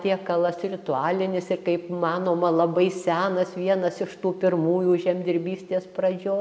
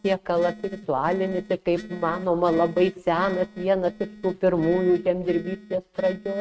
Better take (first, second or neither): first